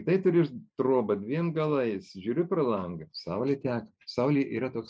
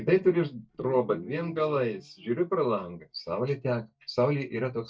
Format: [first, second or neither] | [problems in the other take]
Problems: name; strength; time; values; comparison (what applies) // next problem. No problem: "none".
first | noise reduction (neural mask model DeepFilterNet 3)